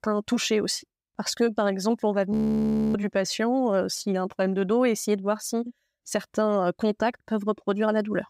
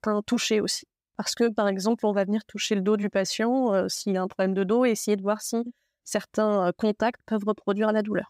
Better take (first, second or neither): second